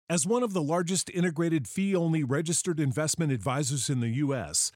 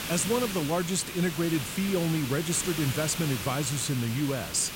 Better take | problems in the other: first | hiss; loud; throughout; 6 dB below the speech

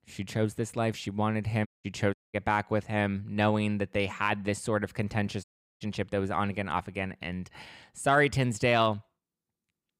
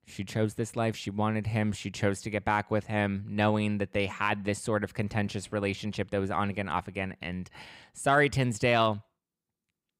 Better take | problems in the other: second | audio cutting out; at 1.5 s, at 2 s and at 5.5 s

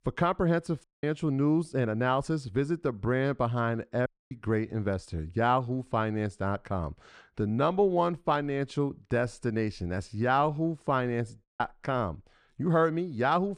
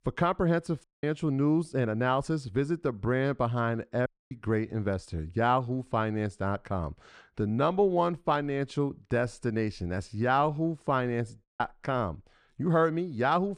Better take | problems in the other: neither | audio cutting out; at 1 s, at 4 s and at 11 s; the same in both

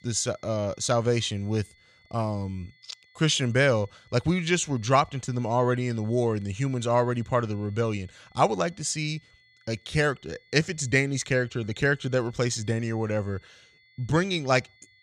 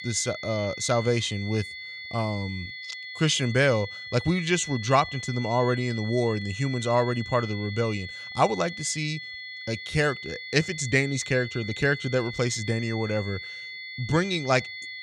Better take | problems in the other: first | high-pitched whine; loud; throughout; 2 kHz, 10 dB below the speech; faint in the first

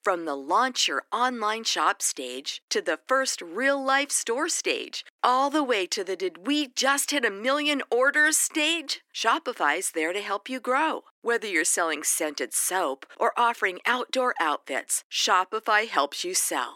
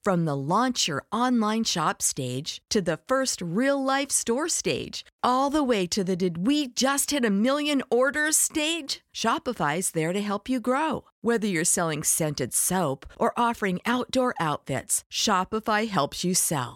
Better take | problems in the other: second | thin; somewhat; fading below 300 Hz

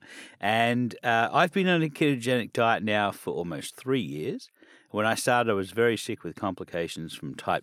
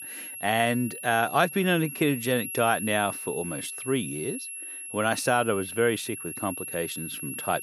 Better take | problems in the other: first | high-pitched whine; loud; throughout; 11 kHz, 8 dB below the speech

